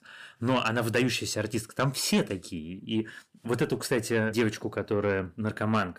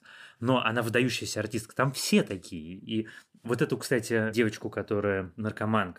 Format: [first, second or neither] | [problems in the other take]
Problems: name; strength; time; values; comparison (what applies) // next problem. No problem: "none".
second | distortion; slight; 10 dB below the speech